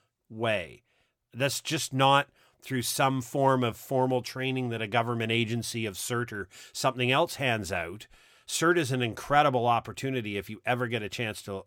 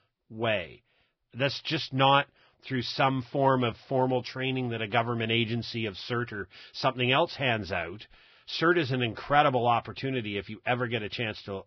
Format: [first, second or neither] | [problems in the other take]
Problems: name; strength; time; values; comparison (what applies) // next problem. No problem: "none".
first | garbled, watery; badly; nothing above 5.5 kHz